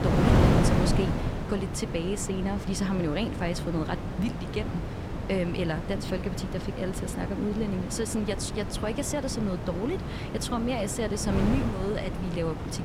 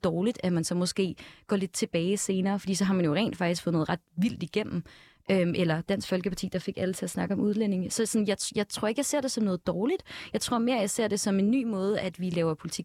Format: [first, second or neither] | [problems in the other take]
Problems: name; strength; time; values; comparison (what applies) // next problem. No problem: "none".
second | wind noise on the microphone; heavy; 2 dB below the speech